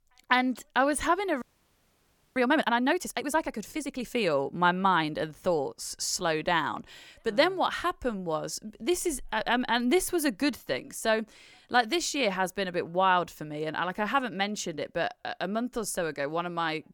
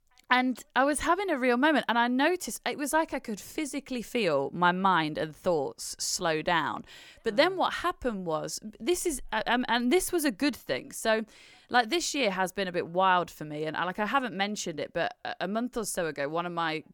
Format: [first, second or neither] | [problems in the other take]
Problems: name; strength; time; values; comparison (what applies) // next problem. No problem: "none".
second | audio freezing; at 1.5 s for 1 s